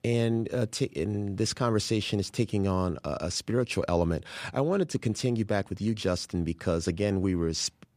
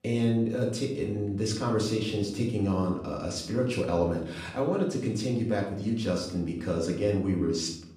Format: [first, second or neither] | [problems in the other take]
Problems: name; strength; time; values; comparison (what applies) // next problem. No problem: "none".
first | room echo; noticeable; dies away in 0.6 s // off-mic speech; far